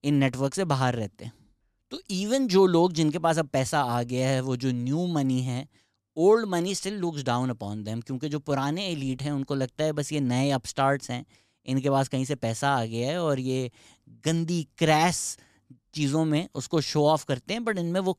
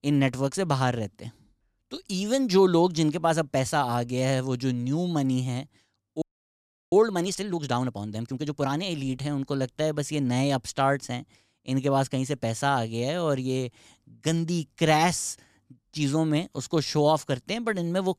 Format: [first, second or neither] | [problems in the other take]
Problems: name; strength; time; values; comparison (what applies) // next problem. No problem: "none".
first | audio freezing; at 6 s for 0.5 s